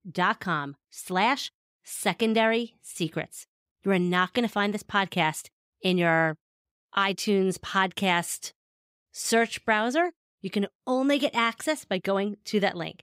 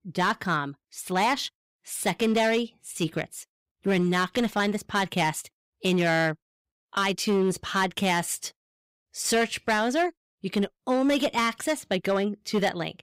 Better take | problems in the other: first | distortion; slight; 6% of the sound clipped

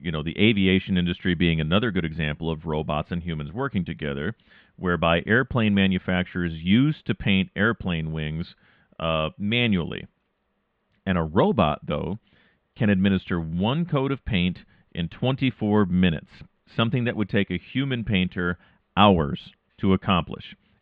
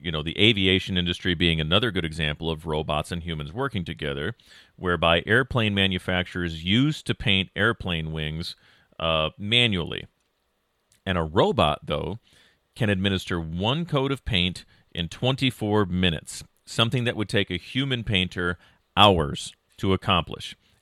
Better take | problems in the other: second | muffled; very slightly; fading above 3 kHz

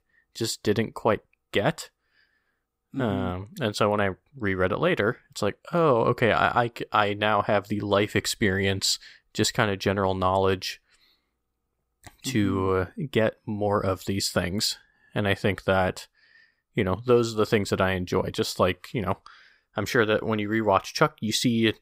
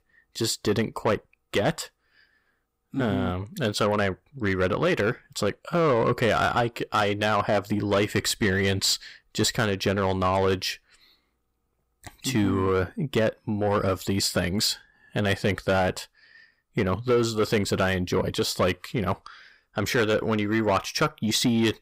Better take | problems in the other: first | distortion; slight; 10 dB below the speech

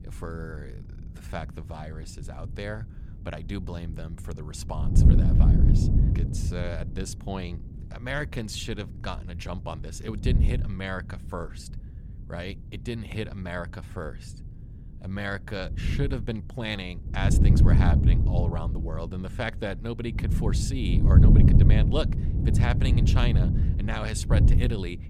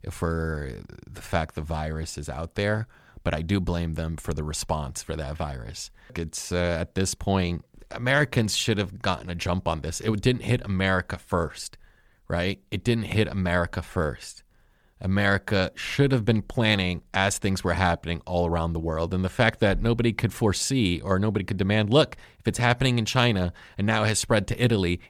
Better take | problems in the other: second | wind noise on the microphone; heavy; as loud as the speech

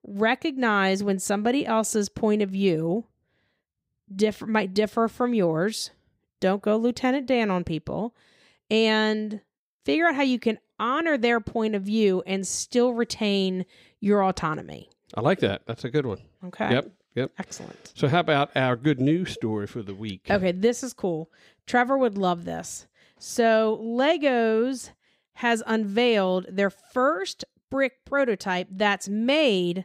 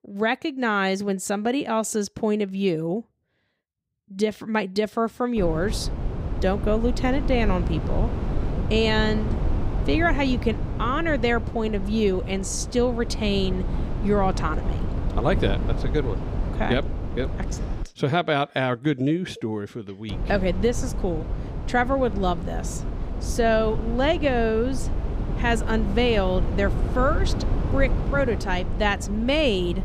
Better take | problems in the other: first | low rumble; noticeable; from 5.5 to 18 s and from 20 s on; 10 dB below the speech

